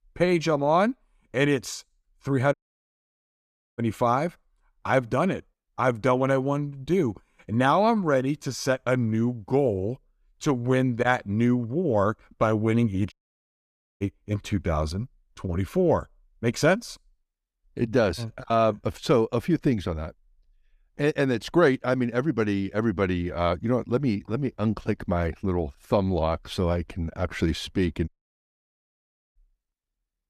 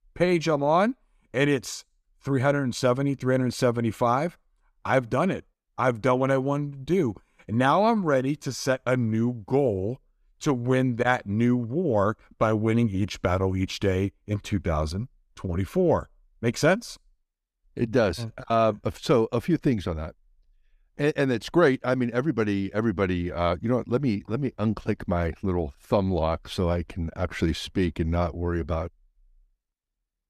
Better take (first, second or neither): second